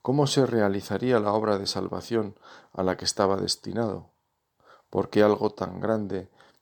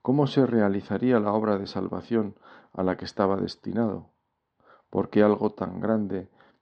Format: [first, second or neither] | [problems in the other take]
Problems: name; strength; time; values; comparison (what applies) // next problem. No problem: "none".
first | muffled; slightly; fading above 3 kHz